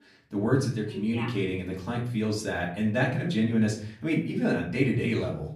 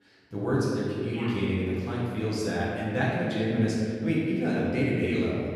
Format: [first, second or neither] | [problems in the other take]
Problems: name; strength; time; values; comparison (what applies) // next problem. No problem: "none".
first | room echo; strong; dies away in 2 s; slight in the first // off-mic speech; far; far in the first